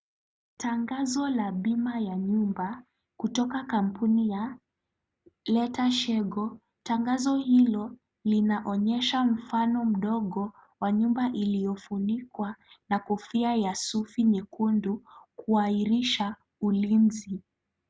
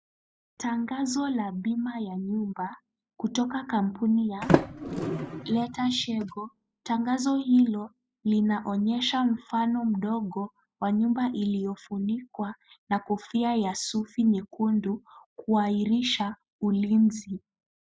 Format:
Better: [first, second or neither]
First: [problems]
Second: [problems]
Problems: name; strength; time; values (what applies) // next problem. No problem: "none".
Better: first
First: none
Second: noise reduction (classical method spectral subtraction)